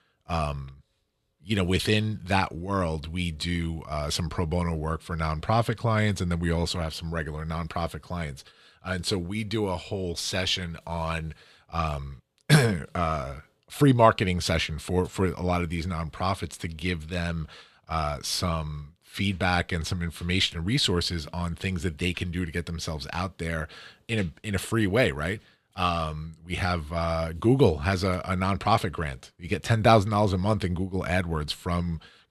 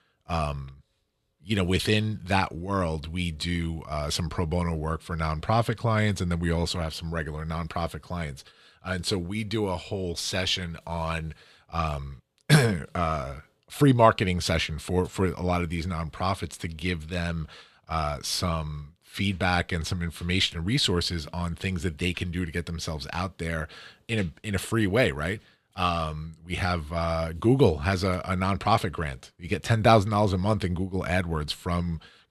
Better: neither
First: none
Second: none

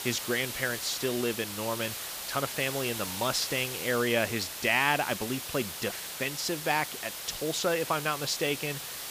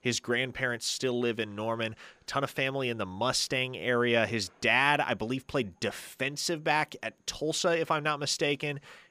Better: second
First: hiss; loud; throughout; 5 dB below the speech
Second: none

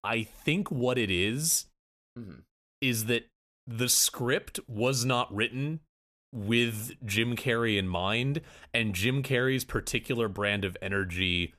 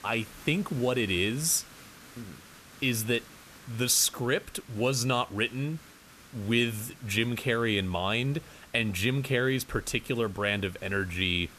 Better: first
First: none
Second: hiss; faint; throughout; 20 dB below the speech

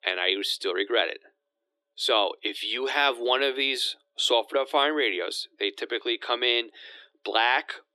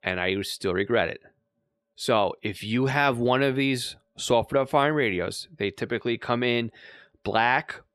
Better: second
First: thin; somewhat; fading below 300 Hz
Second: none

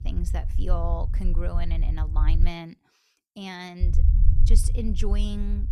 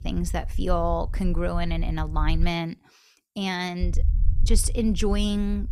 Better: second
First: low rumble; loud; until 2.5 s and from 4 s on; 9 dB below the speech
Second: low rumble; faint; until 2.5 s and from 4 s on; 20 dB below the speech

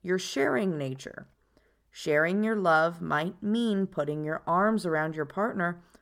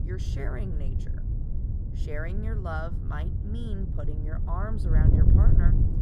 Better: first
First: none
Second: wind noise on the microphone; heavy; 2 dB below the speech

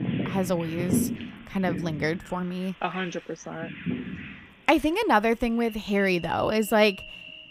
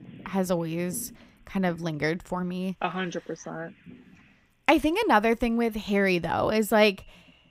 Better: second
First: animal sounds; loud; throughout; 9 dB below the speech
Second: animal sounds; faint; throughout; 25 dB below the speech

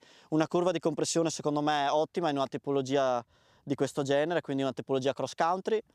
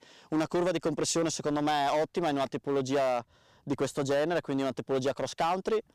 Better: first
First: none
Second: distortion; slight; 11% of the sound clipped

